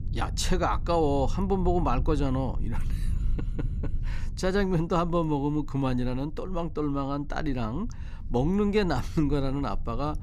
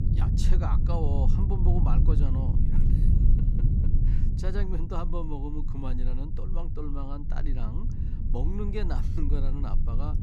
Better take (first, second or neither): first